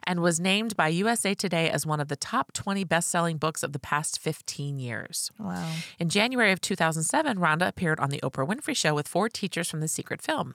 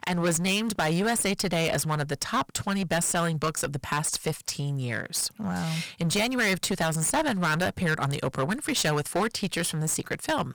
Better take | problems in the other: first | distortion; heavy; 15% of the sound clipped

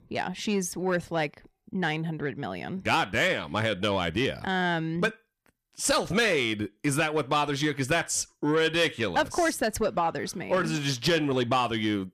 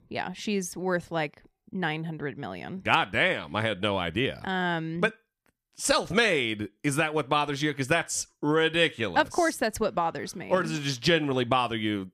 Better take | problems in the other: second | distortion; slight; 10 dB below the speech

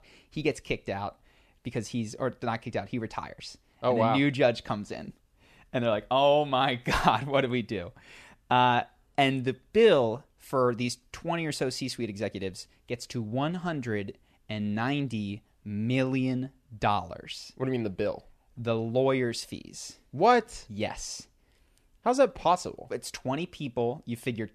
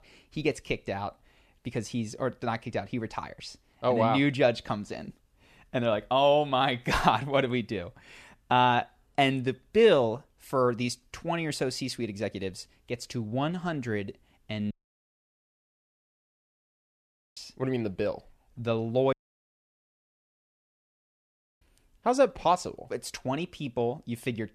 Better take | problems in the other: first | audio cutting out; at 15 s for 2.5 s and at 19 s for 2.5 s

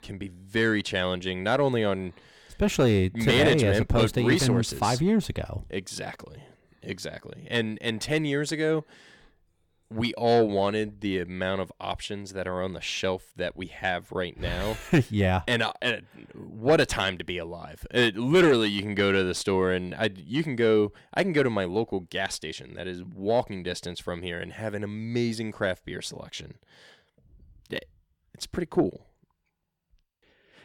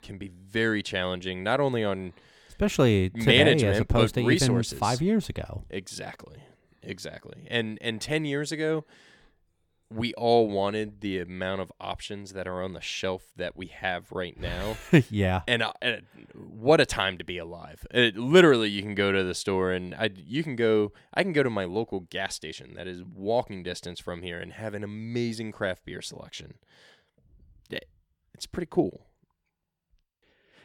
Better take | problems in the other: second | distortion; slight; 10 dB below the speech

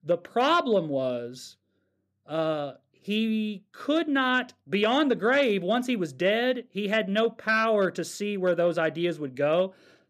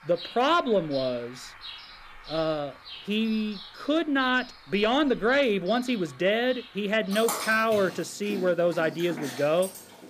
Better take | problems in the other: first | animal sounds; noticeable; throughout; 15 dB below the speech

